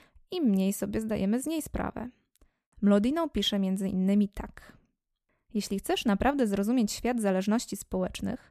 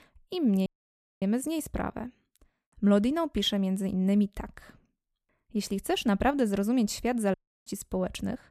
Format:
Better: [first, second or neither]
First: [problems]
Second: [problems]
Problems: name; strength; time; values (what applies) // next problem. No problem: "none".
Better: first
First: none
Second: audio cutting out; at 0.5 s for 0.5 s and at 7.5 s